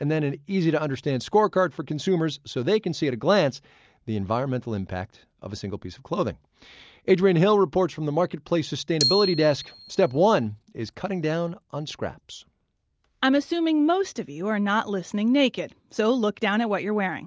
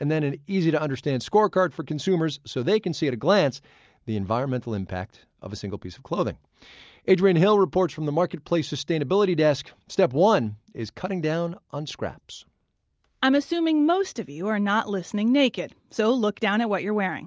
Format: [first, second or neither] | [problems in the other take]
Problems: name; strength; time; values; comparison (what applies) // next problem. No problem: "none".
second | background sound (Glockenspiel); 8 dB below the speech